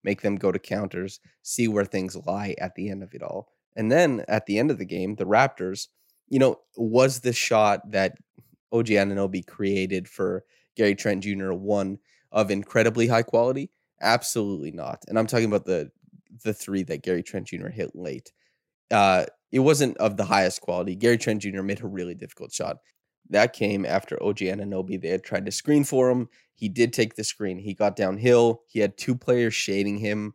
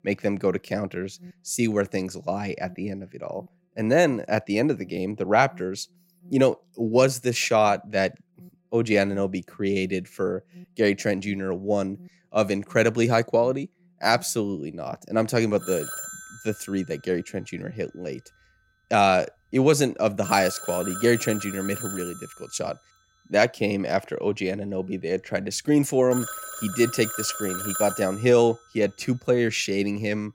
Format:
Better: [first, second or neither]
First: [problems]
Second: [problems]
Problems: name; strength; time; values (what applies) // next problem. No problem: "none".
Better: first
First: none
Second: alarms or sirens; noticeable; throughout; 10 dB below the speech